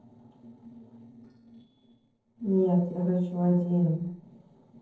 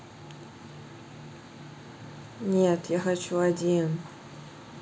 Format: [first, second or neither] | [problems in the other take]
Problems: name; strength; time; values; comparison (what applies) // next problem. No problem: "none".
second | noise reduction (neural separator model SepFormer DNS4)